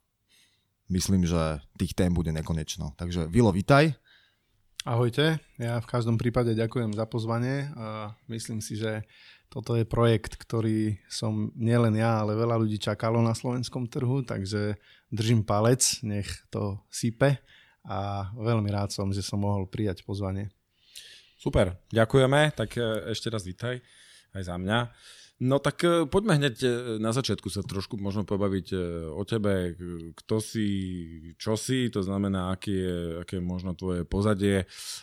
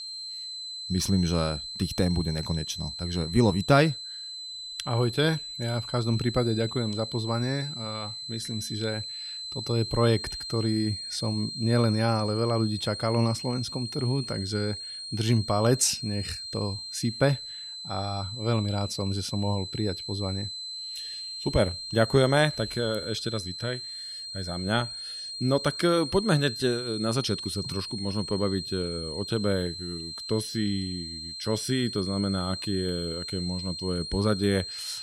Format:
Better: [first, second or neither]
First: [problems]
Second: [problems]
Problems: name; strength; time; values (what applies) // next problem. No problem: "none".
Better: first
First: none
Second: high-pitched whine; loud; throughout; 4 kHz, 7 dB below the speech